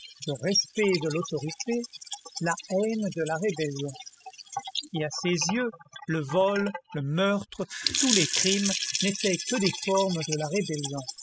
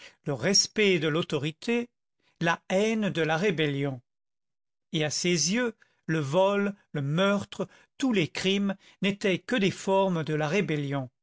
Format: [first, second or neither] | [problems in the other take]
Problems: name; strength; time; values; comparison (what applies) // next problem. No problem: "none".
second | noise reduction (classical method spectral subtraction)